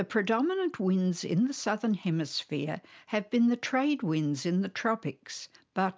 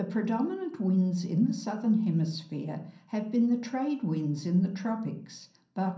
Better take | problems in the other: first | room echo; dies away in 0.6 s

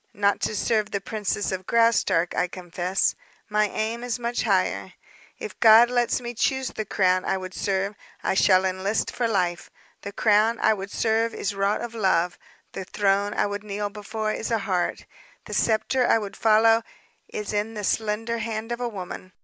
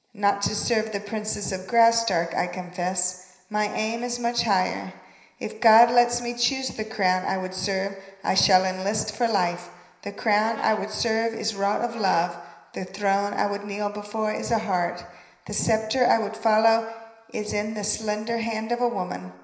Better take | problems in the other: first | background sound (Brass instrument); 17 dB below the speech // room echo; dies away in 0.9 s

